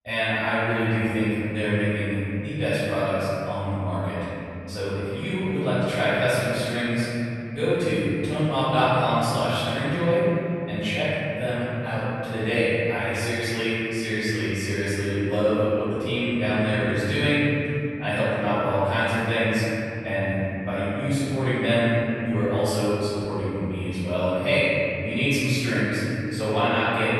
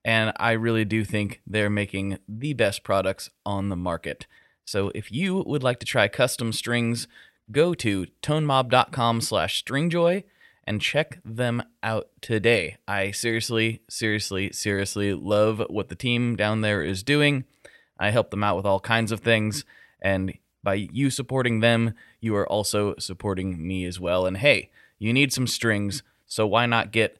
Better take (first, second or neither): second